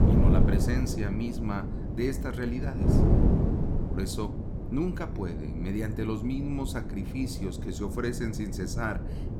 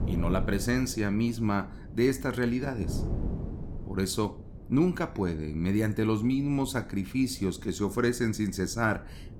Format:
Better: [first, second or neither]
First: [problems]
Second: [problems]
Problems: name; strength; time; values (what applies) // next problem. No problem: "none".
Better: second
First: wind noise on the microphone; heavy; 2 dB below the speech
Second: wind noise on the microphone; occasional gusts; 15 dB below the speech